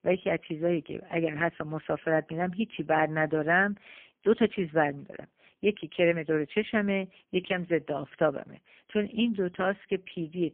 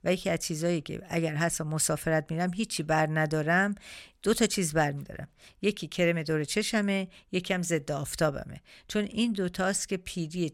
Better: second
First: phone-call audio; poor line; nothing above 3.5 kHz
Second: none

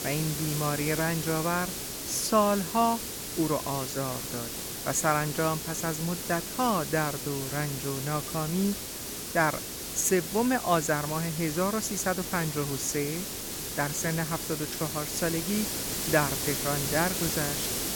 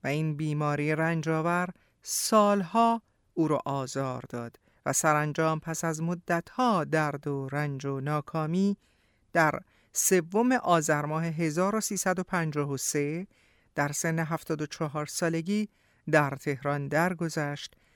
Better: second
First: hiss; loud; throughout; 3 dB below the speech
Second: none

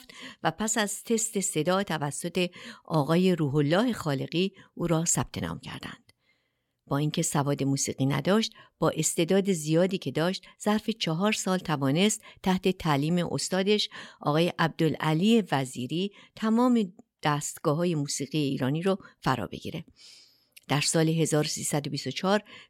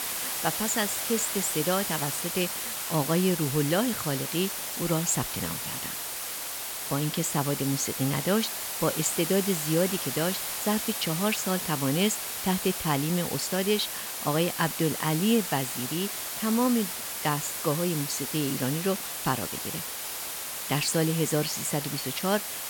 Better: first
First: none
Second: hiss; loud; throughout; 2 dB below the speech

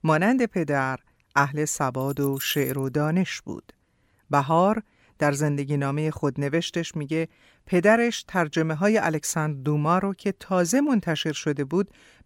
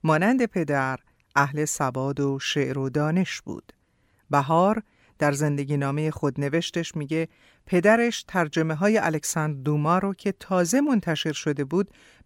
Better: second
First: jangling keys; noticeable; at 2 s; peak 8 dB below the speech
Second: none

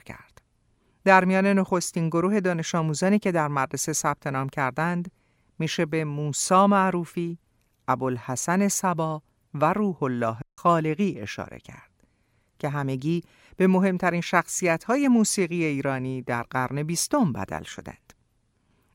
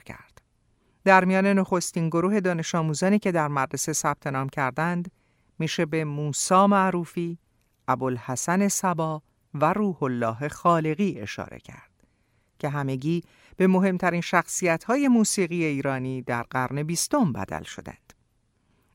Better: second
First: audio cutting out; at 10 s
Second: none

